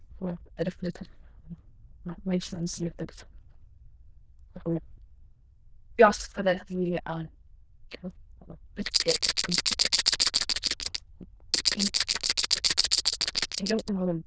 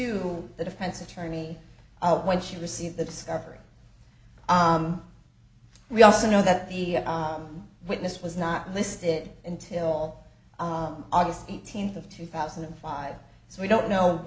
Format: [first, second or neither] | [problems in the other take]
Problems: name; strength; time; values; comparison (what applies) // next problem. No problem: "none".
second | noise reduction (neural diffusion model UNIVERSE++)